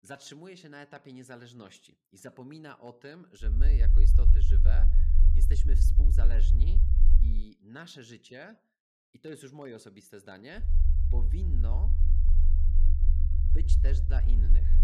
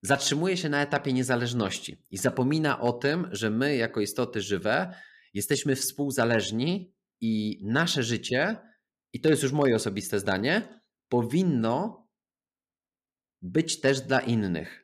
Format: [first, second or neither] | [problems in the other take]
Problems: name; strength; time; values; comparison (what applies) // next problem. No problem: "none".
second | low rumble; loud; from 3.5 to 7.5 s and from 11 s on; 1 dB below the speech